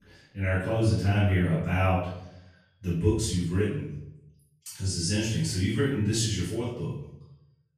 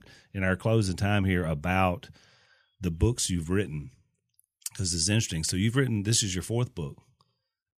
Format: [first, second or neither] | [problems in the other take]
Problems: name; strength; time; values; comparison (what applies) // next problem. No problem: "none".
second | off-mic speech; far // room echo; noticeable; dies away in 0.7 s